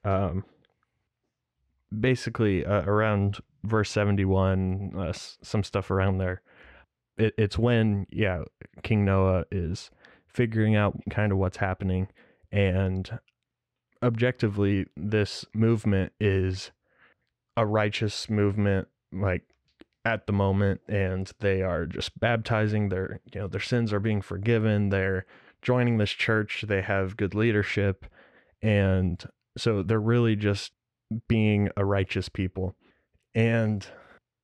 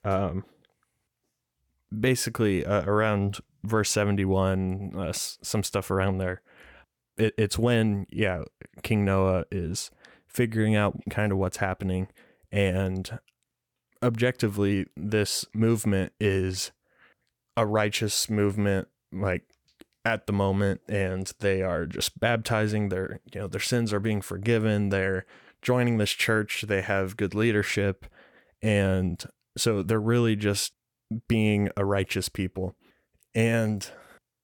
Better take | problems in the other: second | muffled; very slightly; fading above 3.5 kHz

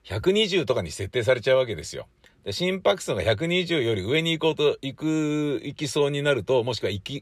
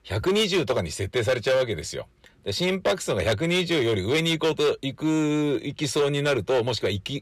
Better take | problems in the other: first | distortion; slight; 10% of the sound clipped

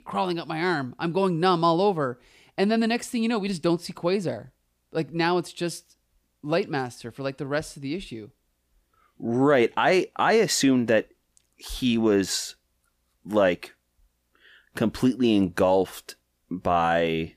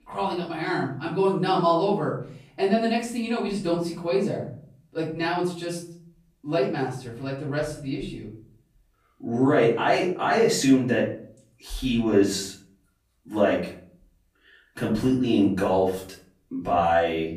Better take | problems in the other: first | off-mic speech; far // room echo; noticeable; dies away in 0.5 s

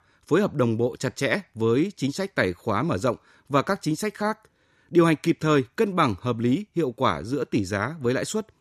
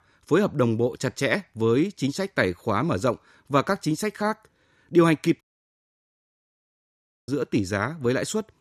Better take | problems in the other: first | audio cutting out; at 5.5 s for 2 s

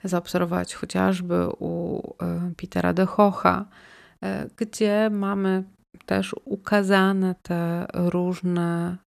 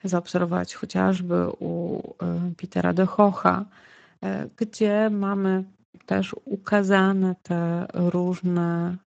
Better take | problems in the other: first | garbled, watery; slightly; nothing above 7.5 kHz

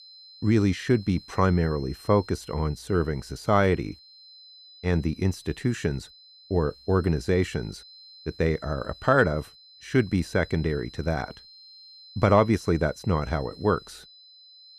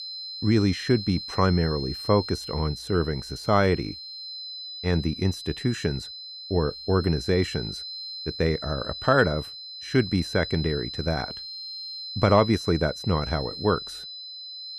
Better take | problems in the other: first | high-pitched whine; loud; throughout; 4 kHz, 9 dB below the speech; faint in the first

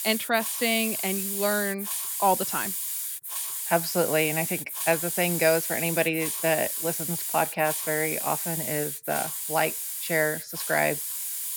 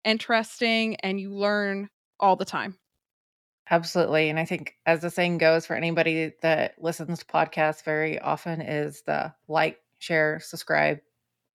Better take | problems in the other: second | hiss; loud; throughout; 2 dB below the speech

